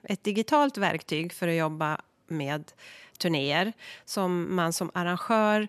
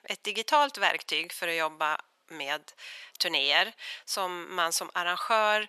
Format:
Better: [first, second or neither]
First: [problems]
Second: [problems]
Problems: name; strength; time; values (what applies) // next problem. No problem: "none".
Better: first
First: none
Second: thin; very; fading below 750 Hz